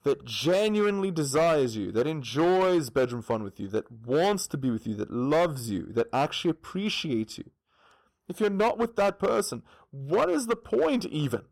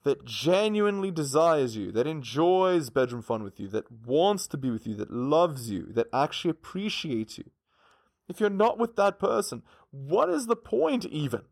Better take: second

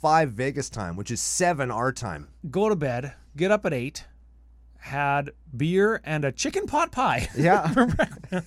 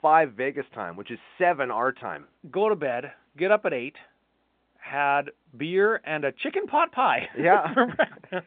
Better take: first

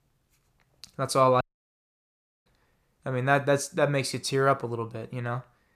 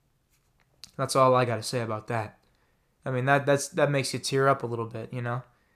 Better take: second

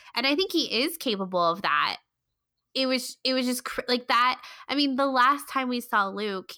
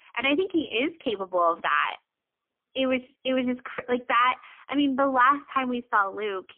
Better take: first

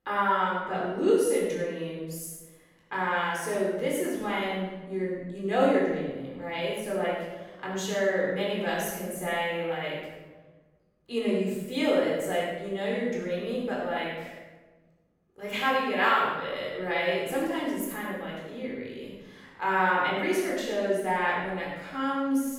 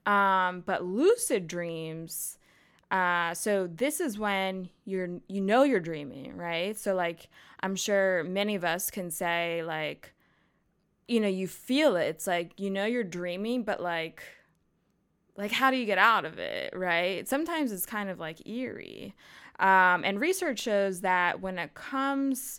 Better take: second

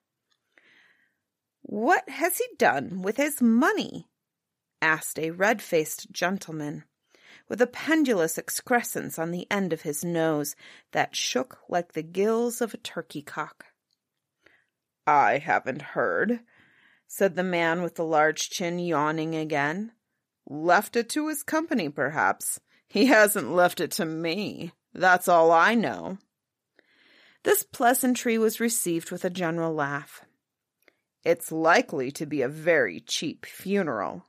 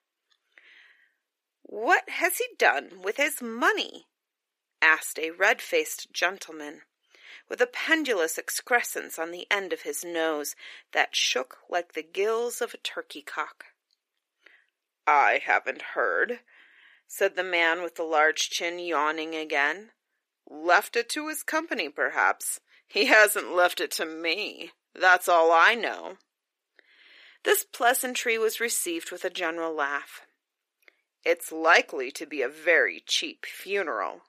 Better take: first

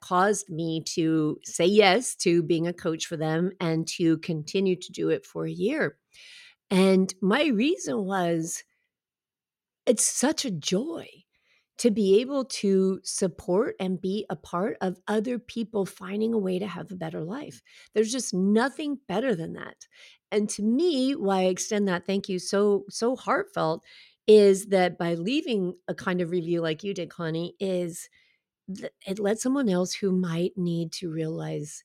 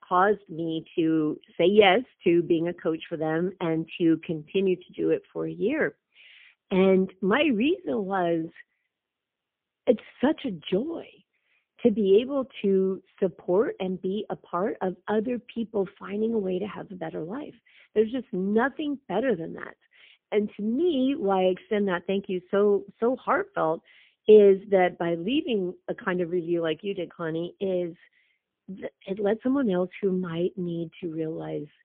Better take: first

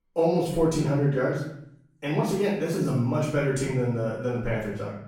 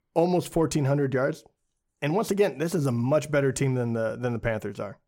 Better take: second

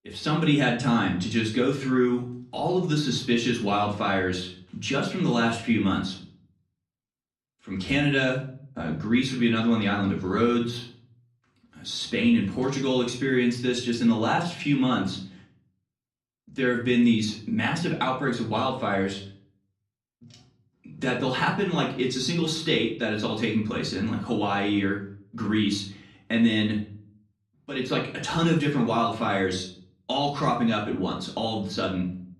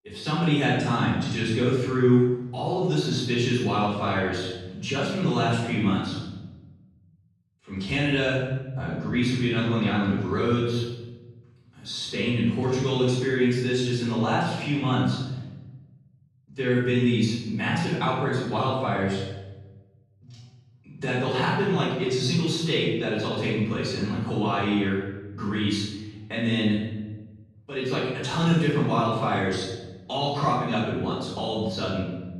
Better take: first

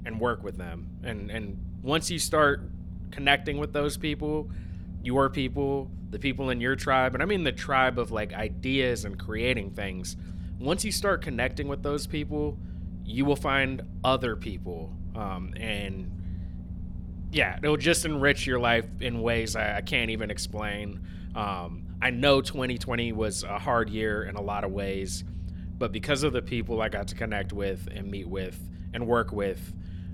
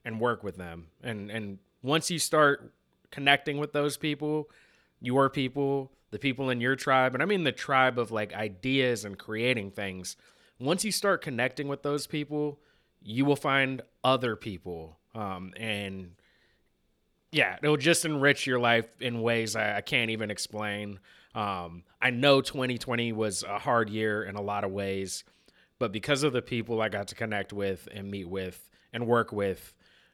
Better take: second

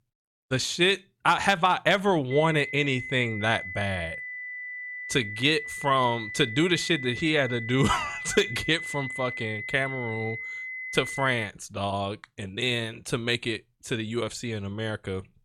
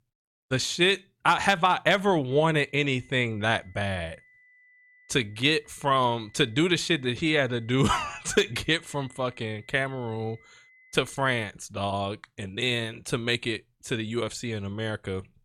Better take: second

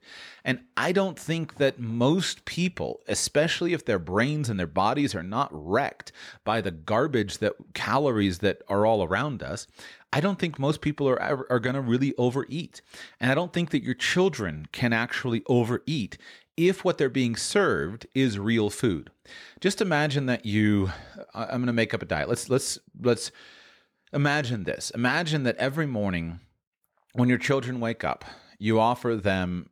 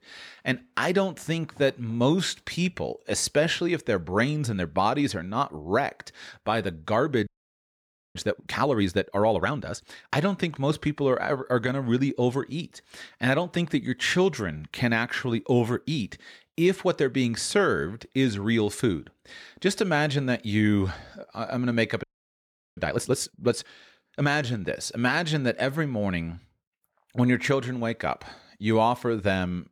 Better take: first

